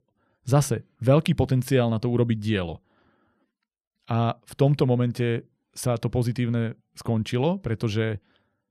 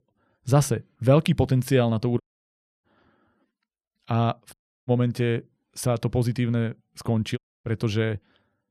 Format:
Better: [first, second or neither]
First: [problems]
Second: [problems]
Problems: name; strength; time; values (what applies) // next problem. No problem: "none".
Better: first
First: none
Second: audio cutting out; at 2 s for 0.5 s, at 4.5 s and at 7.5 s